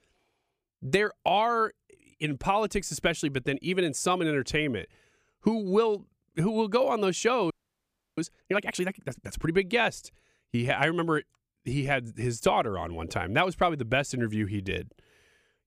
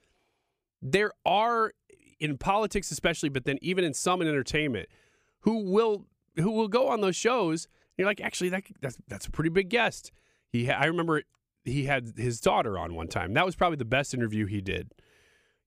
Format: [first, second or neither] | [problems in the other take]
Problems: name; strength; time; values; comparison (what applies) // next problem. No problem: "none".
second | audio freezing; at 7.5 s for 0.5 s